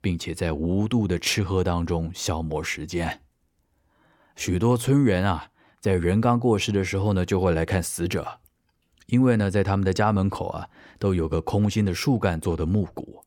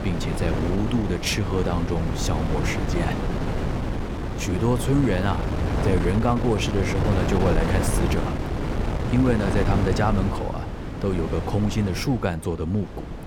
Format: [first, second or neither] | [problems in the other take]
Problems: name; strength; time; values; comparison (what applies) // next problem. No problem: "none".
first | wind noise on the microphone; heavy; 3 dB below the speech